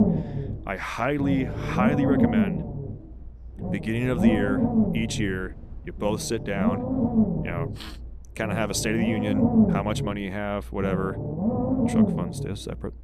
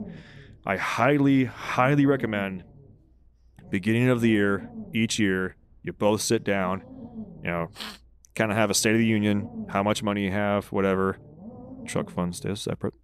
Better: second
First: low rumble; loud; throughout; 1 dB below the speech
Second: low rumble; faint; throughout; 20 dB below the speech

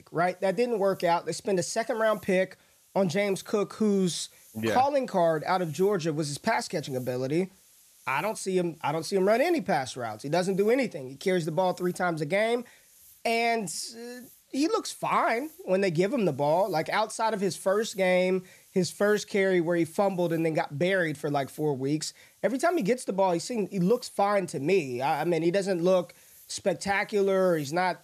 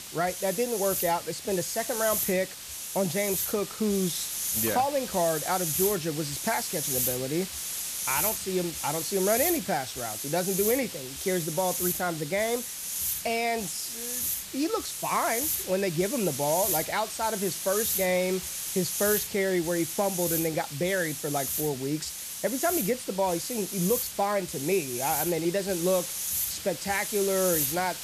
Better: first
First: hiss; faint; throughout; 30 dB below the speech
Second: hiss; loud; throughout; 1 dB below the speech

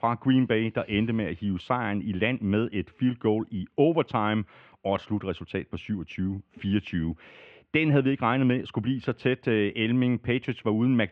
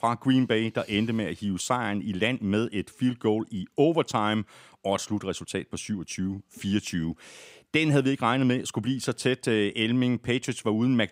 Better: second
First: muffled; very; fading above 2.5 kHz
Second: none

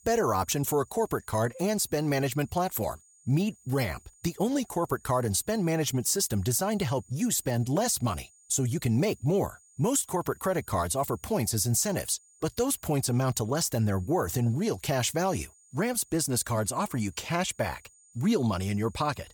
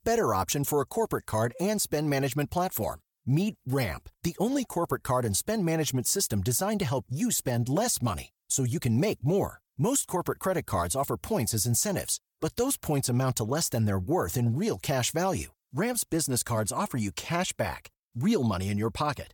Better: second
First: high-pitched whine; faint; throughout; 7 kHz, 30 dB below the speech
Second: none

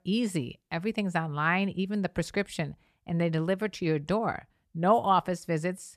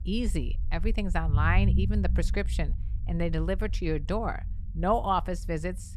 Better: first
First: none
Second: low rumble; noticeable; throughout; 15 dB below the speech

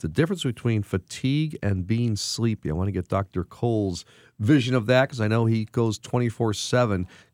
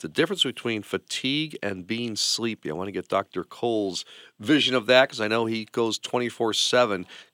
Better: first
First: none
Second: thin; somewhat; fading below 350 Hz

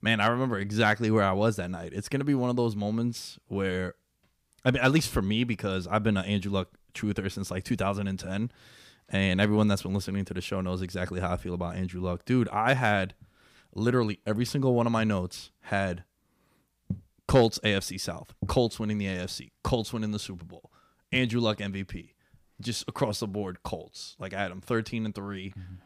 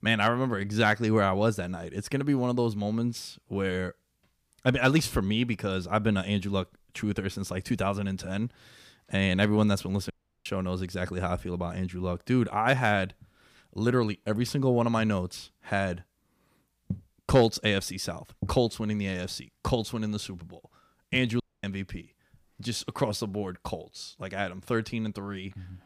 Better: first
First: none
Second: audio cutting out; at 10 s and at 21 s

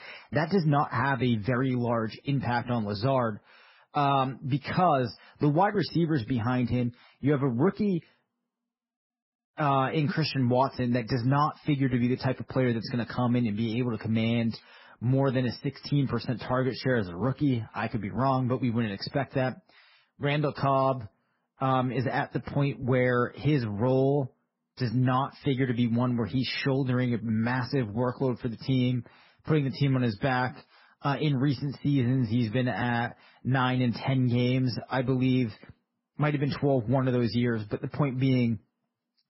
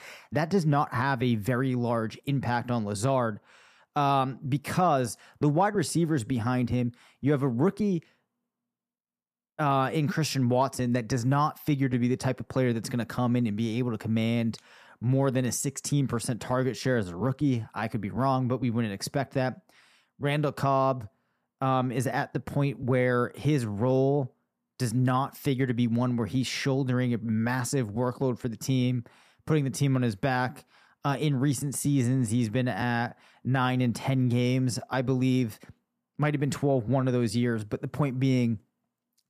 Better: second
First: garbled, watery; badly; nothing above 5.5 kHz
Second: none

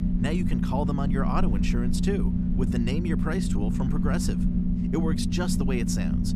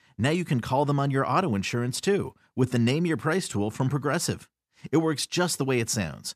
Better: second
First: low rumble; loud; throughout; 1 dB below the speech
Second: none

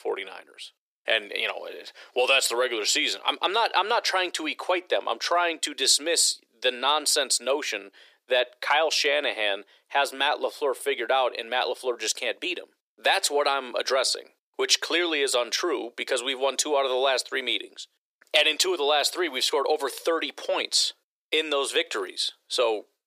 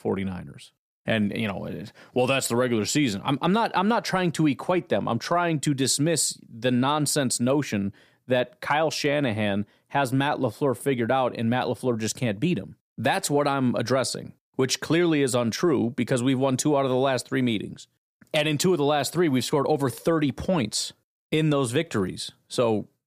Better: second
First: thin; very; fading below 400 Hz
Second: none

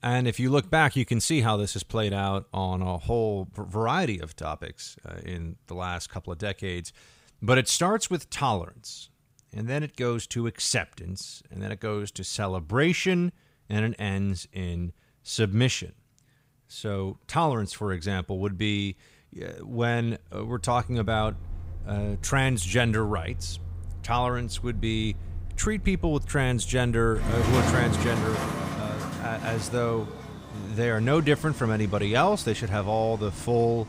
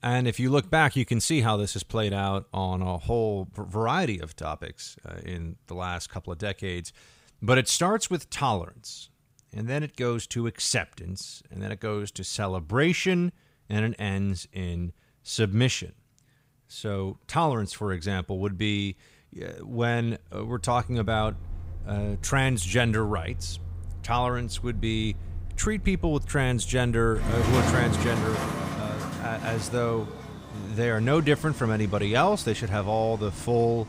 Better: neither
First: traffic noise; loud; from 21 s on; 7 dB below the speech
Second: traffic noise; loud; from 21 s on; 7 dB below the speech

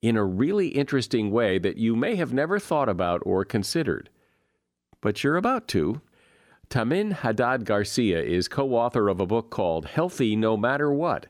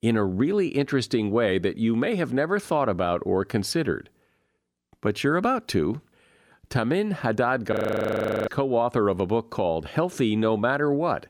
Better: first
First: none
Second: audio freezing; at 7.5 s for 0.5 s

